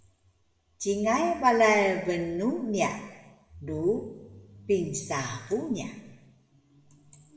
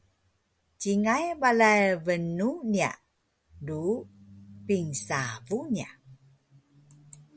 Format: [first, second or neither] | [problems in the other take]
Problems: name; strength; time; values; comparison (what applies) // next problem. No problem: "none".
second | room echo; dies away in 1 s